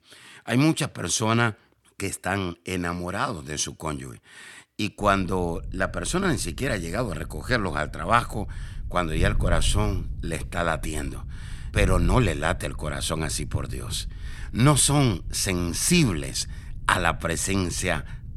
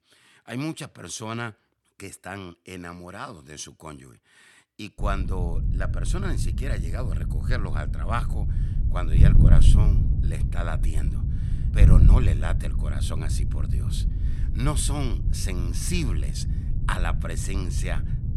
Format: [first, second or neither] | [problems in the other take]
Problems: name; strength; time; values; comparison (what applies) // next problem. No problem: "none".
first | wind noise on the microphone; heavy; from 5 s on; 5 dB below the speech; occasional gusts in the first